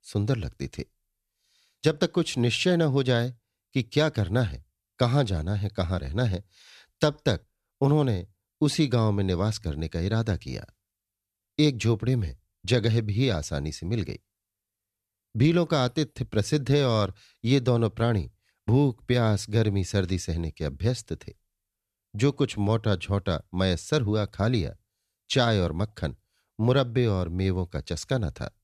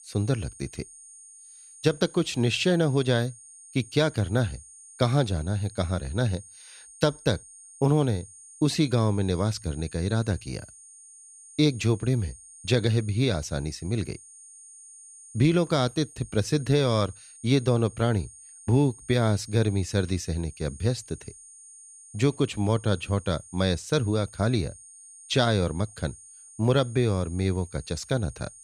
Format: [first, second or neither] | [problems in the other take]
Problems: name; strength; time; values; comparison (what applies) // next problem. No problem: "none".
first | high-pitched whine; noticeable; throughout; 9 kHz, 20 dB below the speech